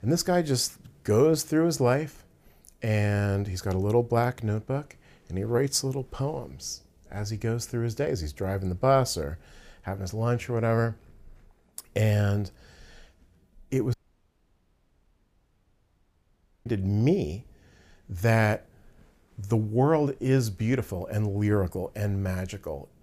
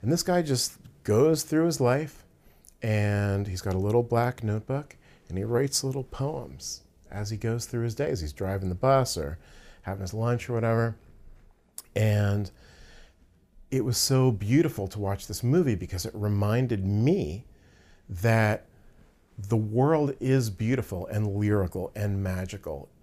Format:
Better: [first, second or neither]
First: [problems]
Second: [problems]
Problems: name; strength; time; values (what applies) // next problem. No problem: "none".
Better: second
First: audio cutting out; at 14 s for 2.5 s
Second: none